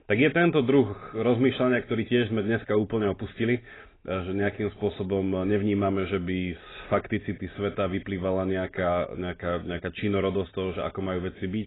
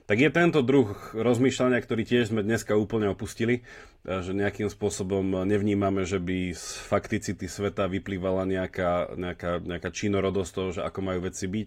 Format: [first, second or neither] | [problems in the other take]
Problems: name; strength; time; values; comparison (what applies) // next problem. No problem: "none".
second | garbled, watery; badly; nothing above 3.5 kHz; slightly in the second